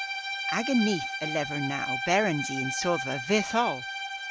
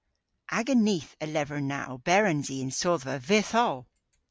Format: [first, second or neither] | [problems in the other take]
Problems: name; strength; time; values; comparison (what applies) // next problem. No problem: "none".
second | background sound (Bowed string instrument); 4 dB below the speech